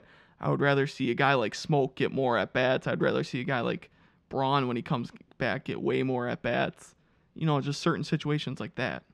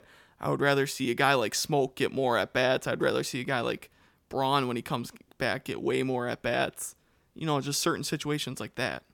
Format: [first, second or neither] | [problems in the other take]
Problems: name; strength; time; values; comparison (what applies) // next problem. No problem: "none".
second | muffled; very slightly; fading above 3.5 kHz